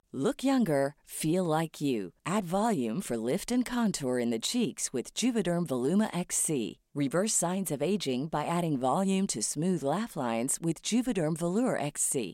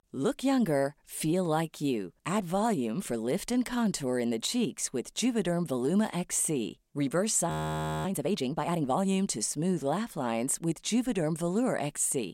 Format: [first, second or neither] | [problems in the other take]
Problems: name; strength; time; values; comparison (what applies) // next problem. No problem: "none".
first | audio freezing; at 7.5 s for 0.5 s